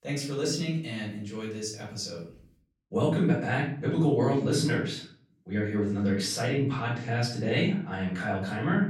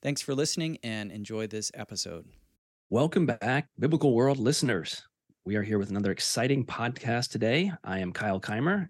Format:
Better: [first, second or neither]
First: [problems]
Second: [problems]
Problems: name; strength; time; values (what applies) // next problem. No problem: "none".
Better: second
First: off-mic speech; far // room echo; noticeable; dies away in 0.4 s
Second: none